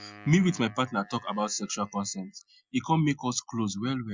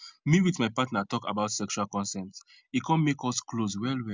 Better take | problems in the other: second | noise reduction (classical method Wiener filter)

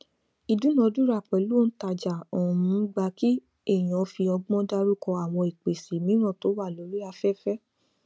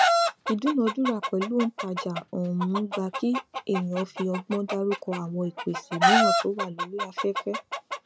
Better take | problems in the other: first | background sound (Chicken, rooster); as loud as the speech

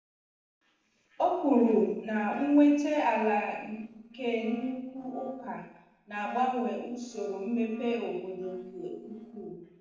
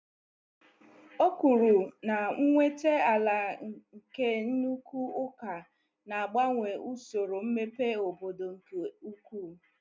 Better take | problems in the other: second | noise reduction (neural separator model SepFormer DNS4)

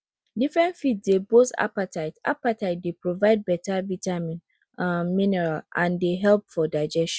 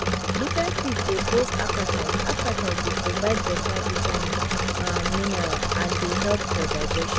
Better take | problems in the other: first | background sound (Engine / Mechanisms); 5 dB above the speech

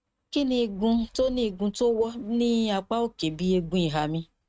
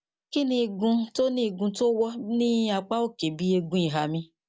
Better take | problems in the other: second | noise reduction (neural mask model RNNoise)

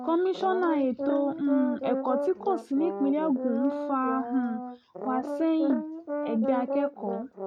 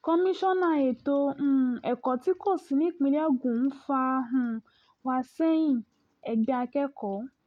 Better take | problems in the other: second | background sound (Brass instrument); 5 dB below the speech

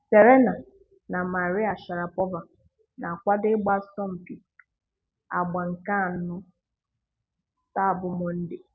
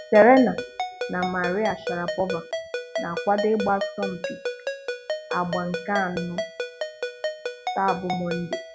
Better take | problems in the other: first | background sound (Ringtone); 6 dB below the speech

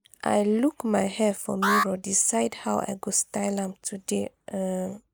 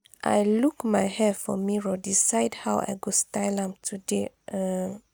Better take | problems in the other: second | noise reduction (neural mask model Resemble Enhance denoiser)

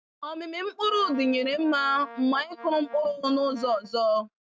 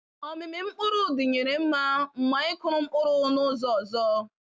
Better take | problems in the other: second | noise reduction (neural mask model RNNoise)

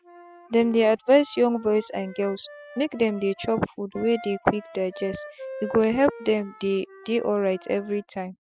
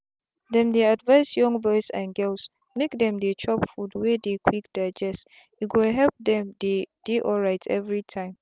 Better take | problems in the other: second | noise reduction (classical method Wiener filter)

